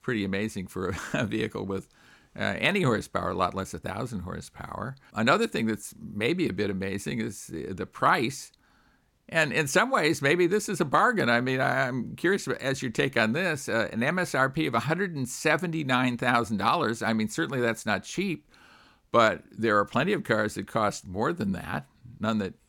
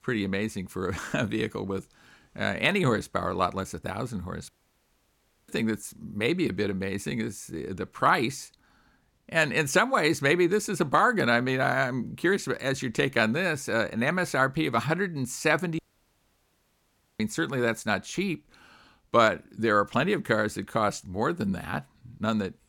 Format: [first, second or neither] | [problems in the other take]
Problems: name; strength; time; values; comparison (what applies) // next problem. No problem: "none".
first | audio cutting out; at 4.5 s for 1 s and at 16 s for 1.5 s